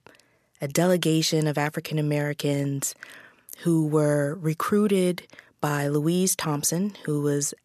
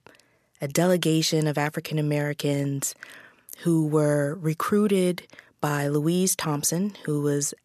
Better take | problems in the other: neither | none

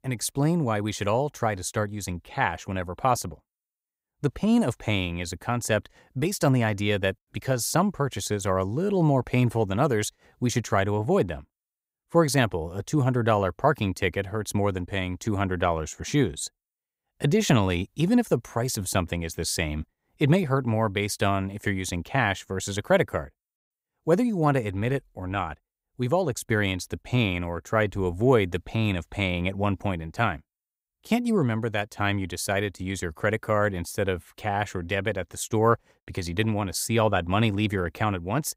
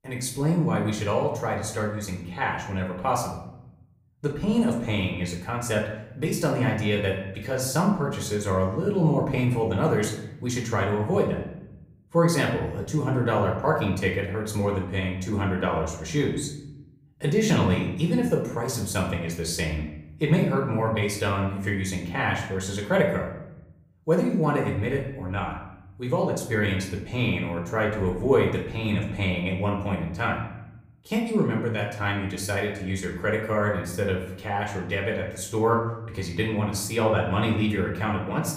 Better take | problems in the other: first | off-mic speech; far // room echo; slight; dies away in 0.7 s

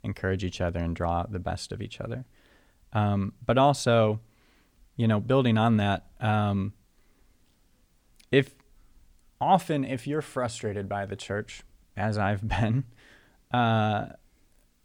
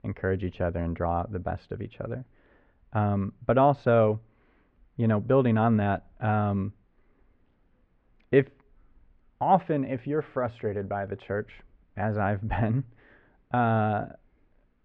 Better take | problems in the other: first | muffled; very; fading above 2 kHz

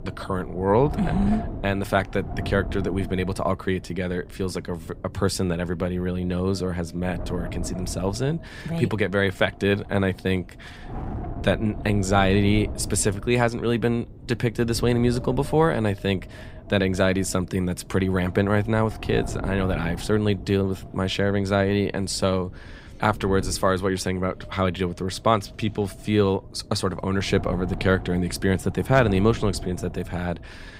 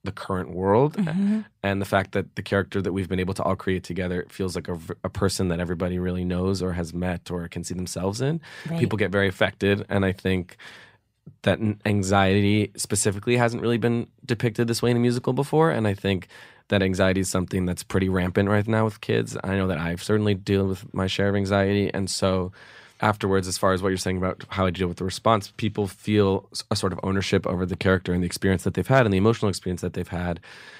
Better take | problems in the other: second | wind noise on the microphone; occasional gusts; 15 dB below the speech

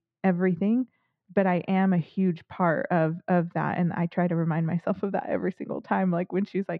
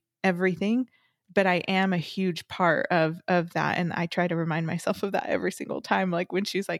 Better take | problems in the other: second | muffled; very; fading above 1.5 kHz

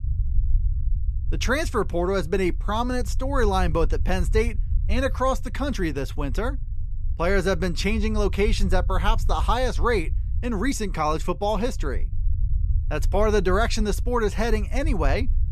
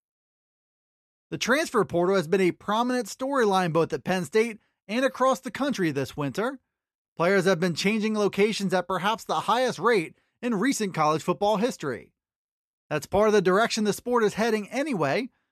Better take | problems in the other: second | low rumble; faint; throughout; 25 dB below the speech

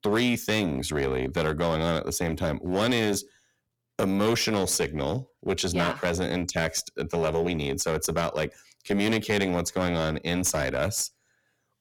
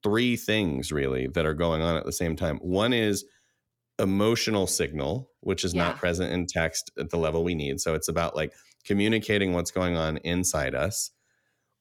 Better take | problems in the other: second | distortion; slight; 8% of the sound clipped

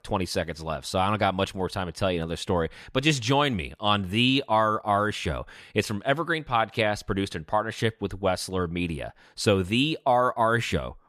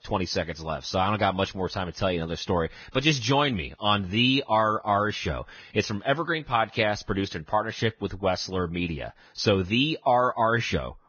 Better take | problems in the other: first | garbled, watery; badly; nothing above 6.5 kHz

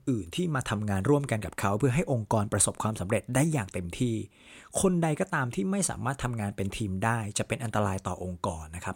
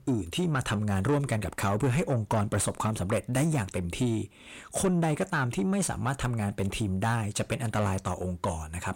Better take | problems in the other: first | distortion; slight; 10 dB below the speech

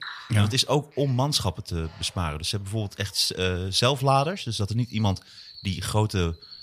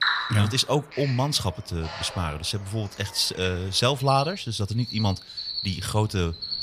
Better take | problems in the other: first | animal sounds; loud; throughout; 9 dB below the speech; faint in the first

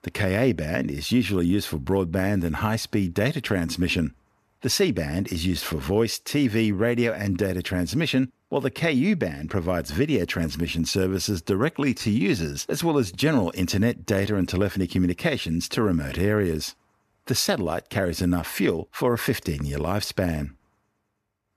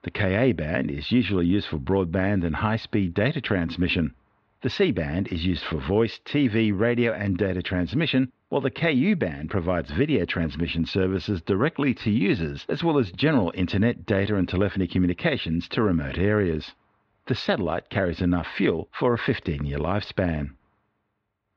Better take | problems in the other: first | muffled; slightly; fading above 4 kHz

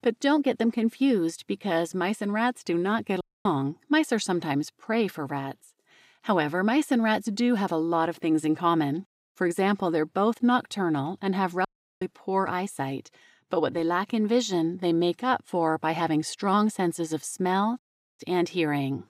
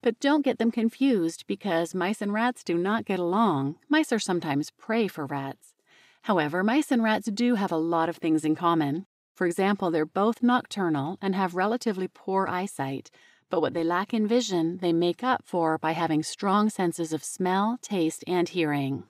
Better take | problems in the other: second | audio cutting out; at 3 s, at 12 s and at 18 s

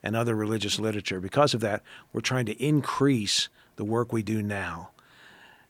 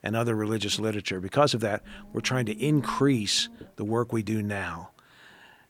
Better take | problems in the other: first | low rumble; faint; from 2 to 3.5 s; 25 dB below the speech

